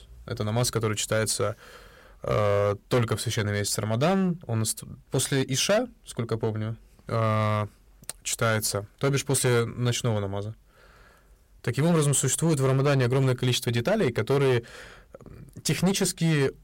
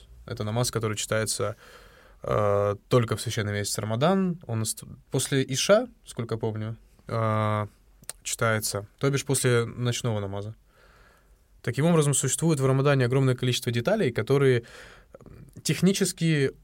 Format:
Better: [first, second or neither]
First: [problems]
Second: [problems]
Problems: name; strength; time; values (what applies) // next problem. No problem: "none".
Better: second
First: distortion; slight; 8% of the sound clipped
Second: none